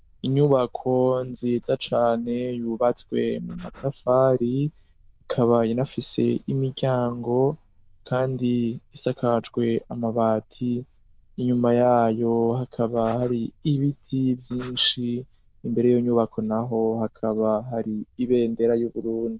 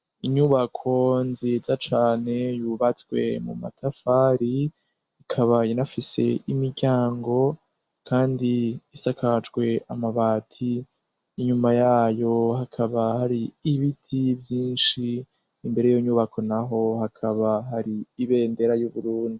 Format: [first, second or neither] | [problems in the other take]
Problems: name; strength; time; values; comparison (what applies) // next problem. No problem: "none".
second | noise reduction (neural diffusion model UNIVERSE++)